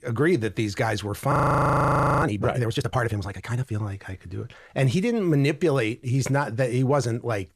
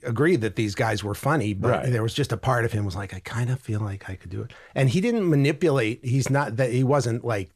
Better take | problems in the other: second | audio freezing; at 1.5 s for 1 s

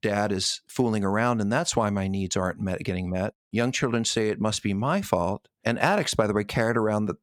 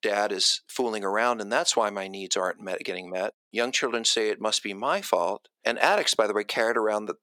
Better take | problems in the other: first | thin; somewhat; fading below 350 Hz

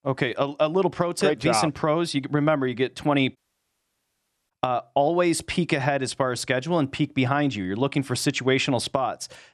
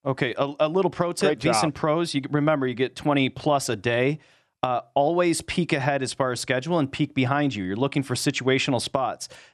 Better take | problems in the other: second | audio cutting out; at 3.5 s for 1 s

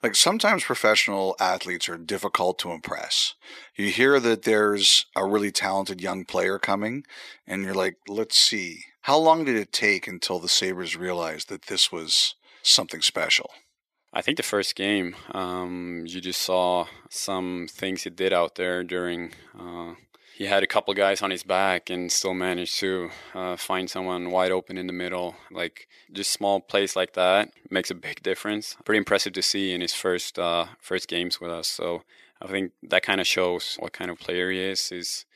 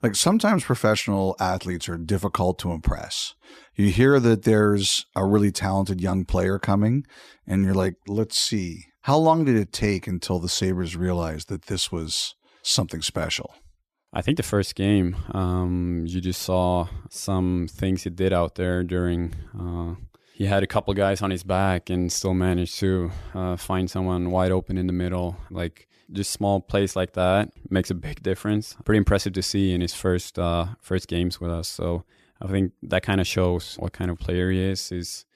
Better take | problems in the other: second | thin; somewhat; fading below 400 Hz

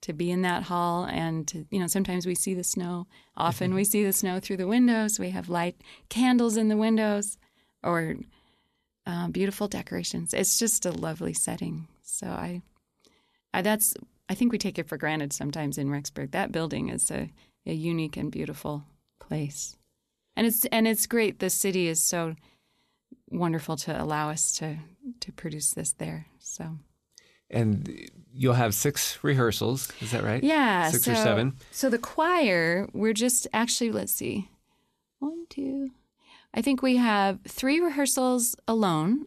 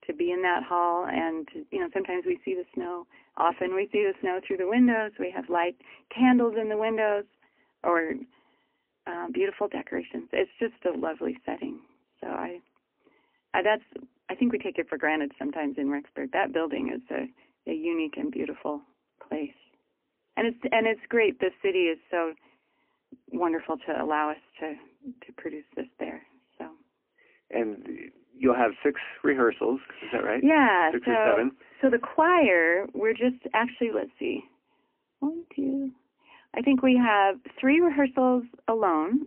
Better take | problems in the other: first | phone-call audio; poor line; nothing above 3 kHz

